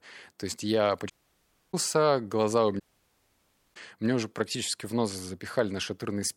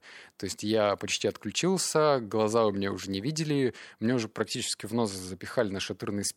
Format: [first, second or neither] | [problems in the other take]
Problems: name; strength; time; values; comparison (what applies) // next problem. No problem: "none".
second | audio cutting out; at 1 s for 0.5 s and at 3 s for 1 s